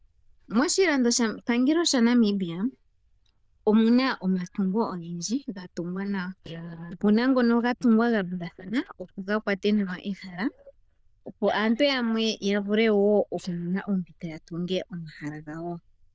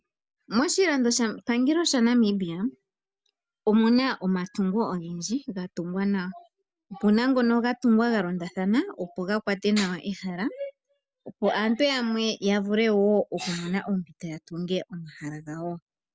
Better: second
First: noise reduction (neural diffusion model UNIVERSE++)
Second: none

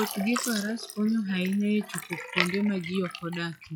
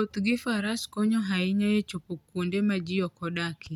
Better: second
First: noise reduction (classical method log-MMSE)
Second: none

